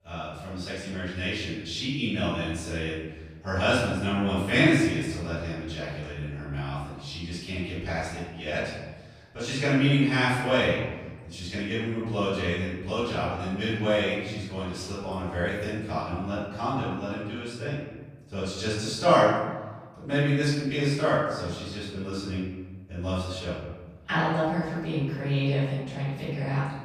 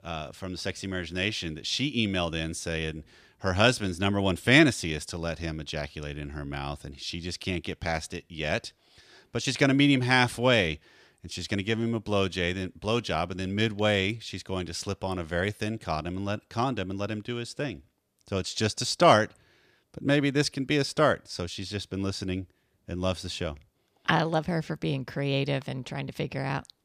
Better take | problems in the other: second | off-mic speech; far // room echo; strong; dies away in 1.2 s

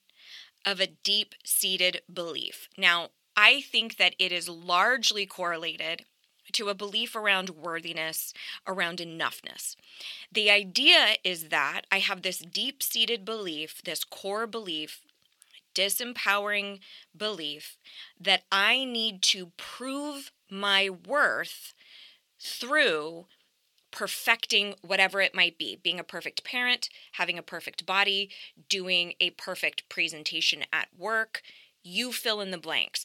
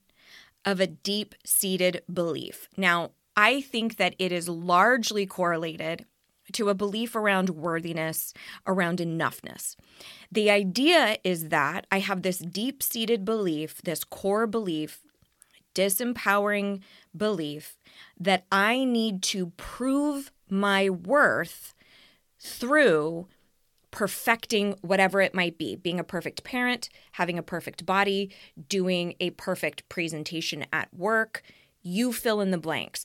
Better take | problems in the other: second | thin; somewhat; fading below 1 kHz

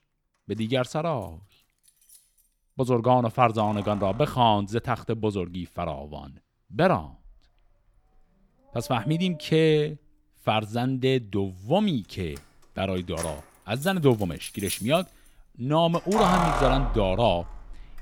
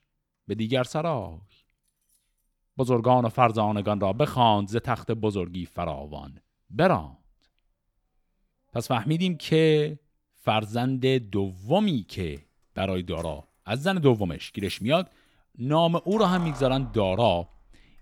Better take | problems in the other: second | household noises; loud; throughout; 6 dB below the speech; faint in the second

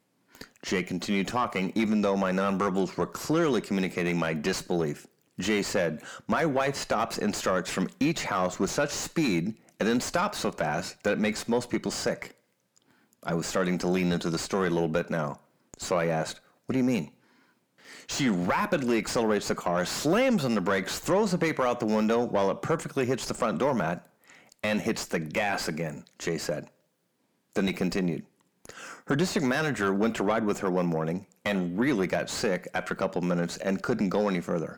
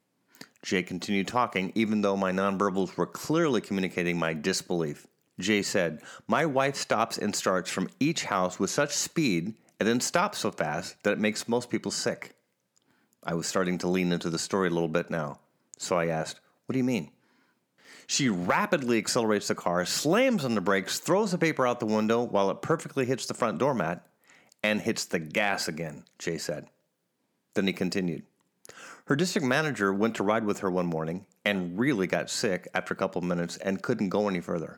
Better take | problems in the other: second | distortion; slight; 10 dB below the speech

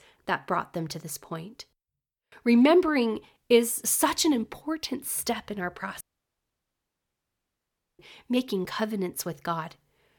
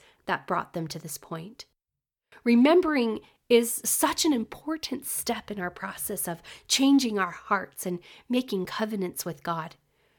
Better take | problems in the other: second | audio cutting out; at 6 s for 2 s

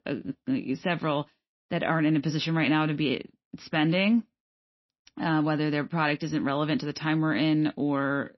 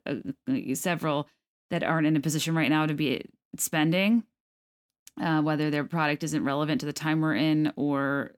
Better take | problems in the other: second | garbled, watery; slightly; nothing above 5.5 kHz

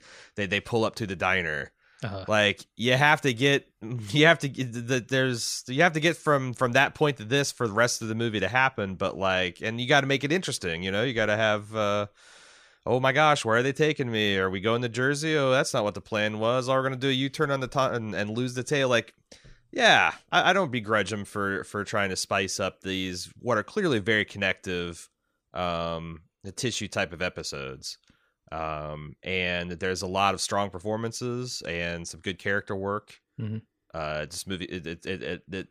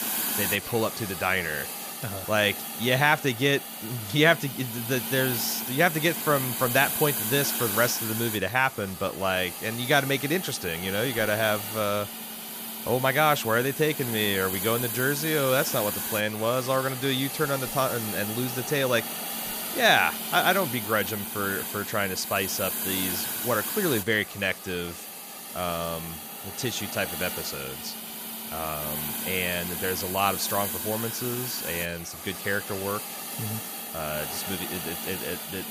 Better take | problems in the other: first | hiss; loud; throughout; 4 dB below the speech

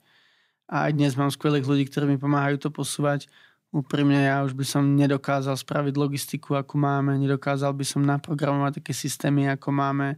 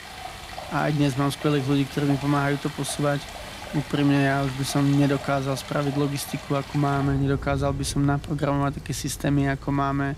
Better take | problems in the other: first | rain or running water; noticeable; throughout; 10 dB below the speech

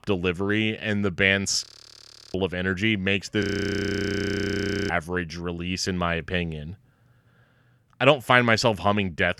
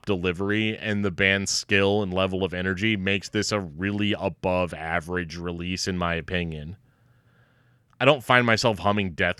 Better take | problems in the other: second | audio freezing; at 1.5 s for 0.5 s and at 3.5 s for 1.5 s

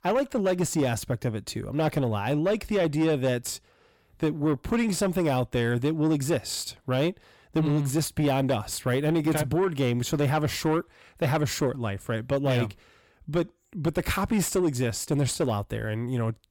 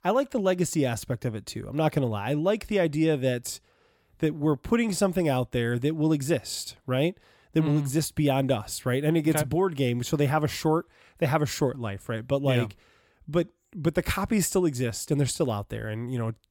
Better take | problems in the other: second | distortion; slight; 10 dB below the speech

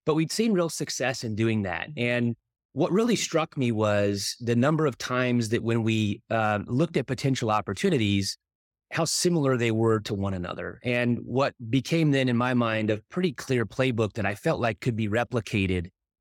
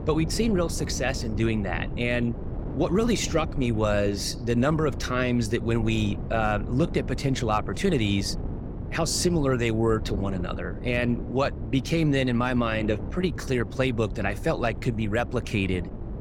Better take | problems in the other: first | wind noise on the microphone; occasional gusts; 15 dB below the speech

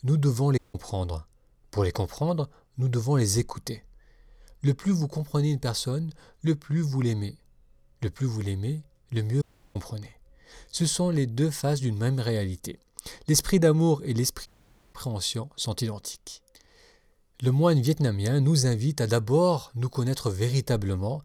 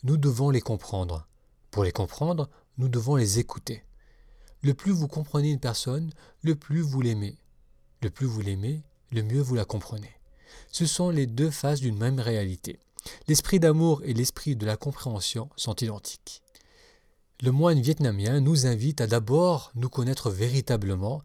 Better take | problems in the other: second | audio cutting out; at 0.5 s, at 9.5 s and at 14 s

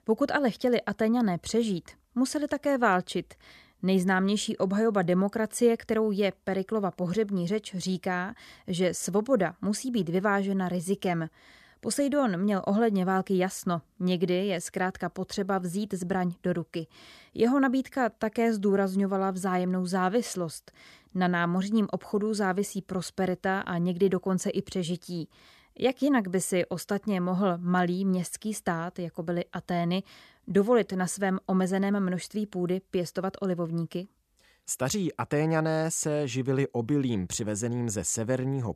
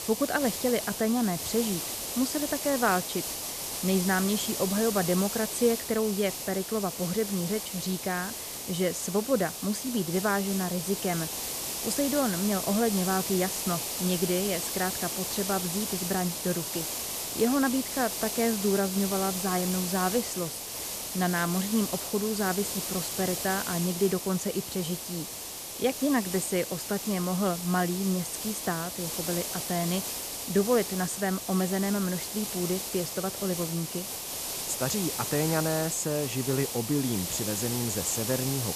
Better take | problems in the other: first | hiss; loud; throughout; 3 dB below the speech

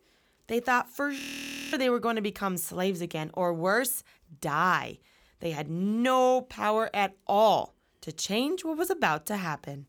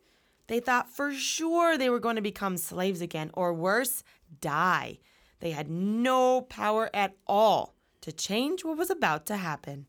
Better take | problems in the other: second | audio freezing; at 1 s for 0.5 s

